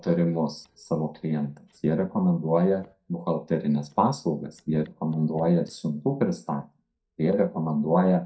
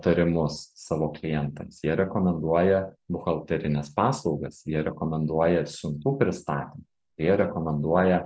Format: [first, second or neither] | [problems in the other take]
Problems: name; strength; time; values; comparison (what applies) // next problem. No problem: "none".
second | noise reduction (neural mask model DeepFilterNet 3)